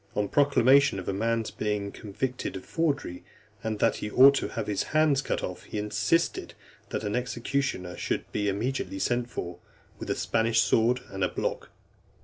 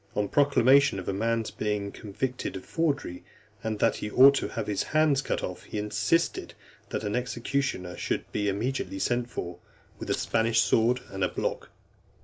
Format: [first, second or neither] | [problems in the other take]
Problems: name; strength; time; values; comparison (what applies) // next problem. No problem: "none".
first | background sound (Fire); 19 dB below the speech